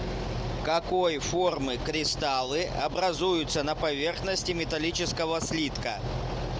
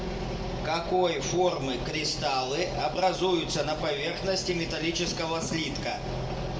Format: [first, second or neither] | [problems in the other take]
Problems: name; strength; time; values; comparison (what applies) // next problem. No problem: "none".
first | room echo; dies away in 1.7 s